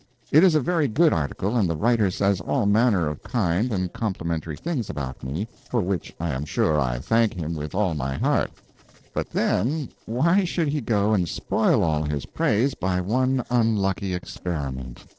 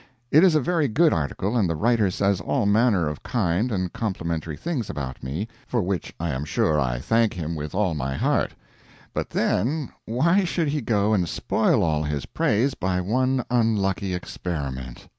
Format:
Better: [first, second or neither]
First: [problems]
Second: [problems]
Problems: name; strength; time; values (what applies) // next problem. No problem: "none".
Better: second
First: noise reduction (neural separator model SepFormer DNS4)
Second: none